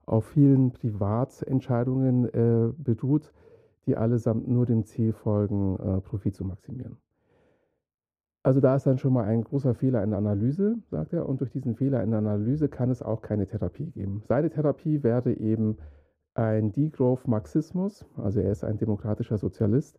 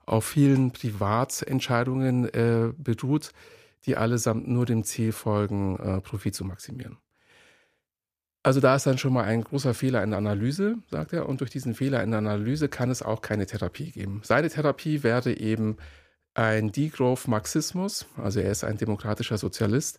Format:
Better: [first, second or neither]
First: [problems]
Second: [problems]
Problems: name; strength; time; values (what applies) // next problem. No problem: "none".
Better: second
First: muffled; very; fading above 1 kHz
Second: none